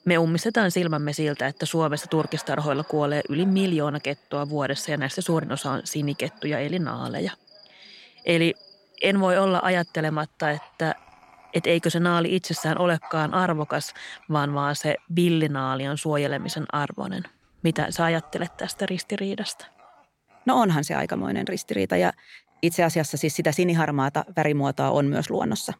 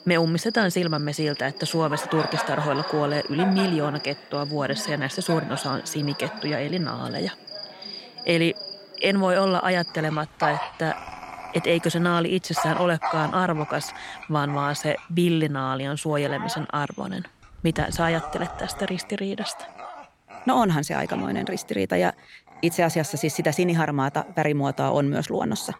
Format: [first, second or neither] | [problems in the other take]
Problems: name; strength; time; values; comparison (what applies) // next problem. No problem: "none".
first | animal sounds; loud; throughout; 9 dB below the speech; faint in the first